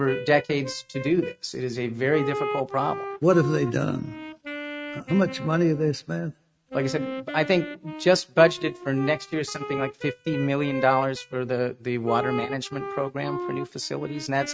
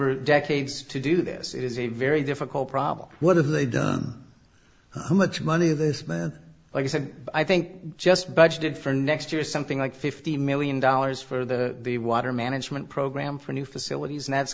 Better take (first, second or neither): second